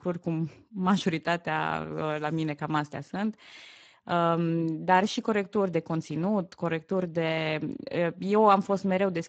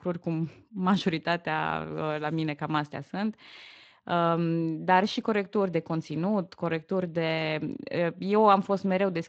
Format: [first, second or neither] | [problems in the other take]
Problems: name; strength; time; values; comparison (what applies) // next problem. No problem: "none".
second | garbled, watery; badly; nothing above 7.5 kHz; slightly in the second